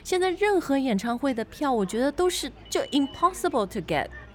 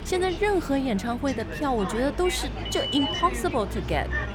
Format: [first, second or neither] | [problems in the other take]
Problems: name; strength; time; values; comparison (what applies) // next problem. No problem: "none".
first | traffic noise; loud; throughout; 5 dB below the speech; faint in the first